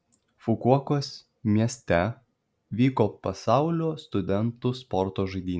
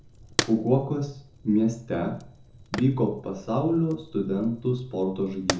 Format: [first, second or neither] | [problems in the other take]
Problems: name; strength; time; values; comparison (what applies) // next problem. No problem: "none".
first | background sound (Fire); 10 dB below the speech // room echo; dies away in 0.5 s